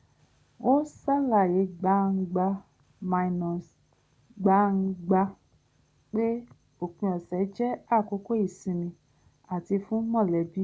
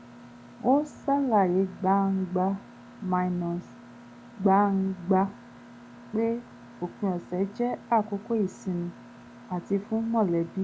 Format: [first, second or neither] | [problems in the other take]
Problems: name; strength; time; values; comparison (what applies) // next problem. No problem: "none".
first | background sound (Mechanisms); 19 dB below the speech